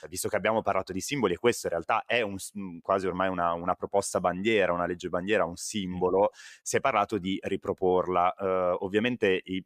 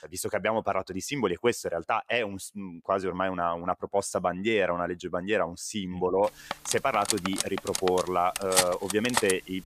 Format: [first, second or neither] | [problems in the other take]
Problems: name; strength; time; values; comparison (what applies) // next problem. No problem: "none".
first | clattering dishes; loud; from 6.5 s on; peak 3 dB above the speech